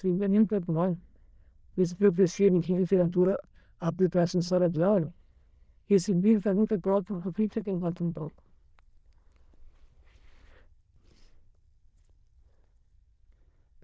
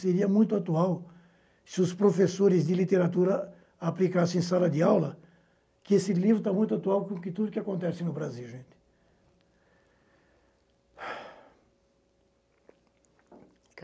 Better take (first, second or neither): second